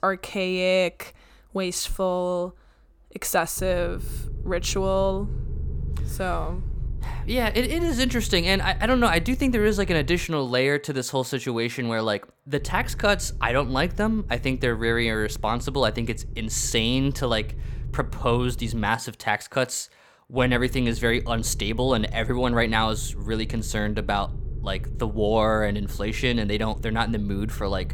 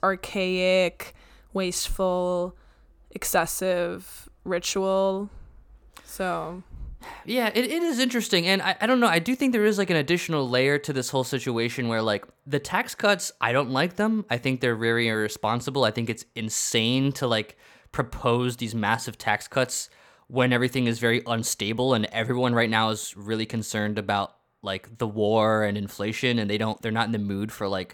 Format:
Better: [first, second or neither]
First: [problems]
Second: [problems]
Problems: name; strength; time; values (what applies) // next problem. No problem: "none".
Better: second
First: low rumble; faint; from 3.5 to 10 s, from 13 to 19 s and from 20 s on; 25 dB below the speech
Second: none